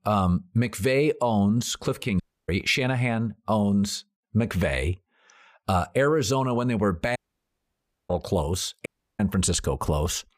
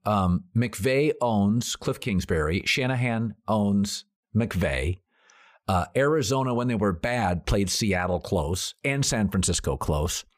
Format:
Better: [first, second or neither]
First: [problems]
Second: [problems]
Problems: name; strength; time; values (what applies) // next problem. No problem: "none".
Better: second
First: audio cutting out; at 2 s, at 7 s for 1 s and at 9 s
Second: none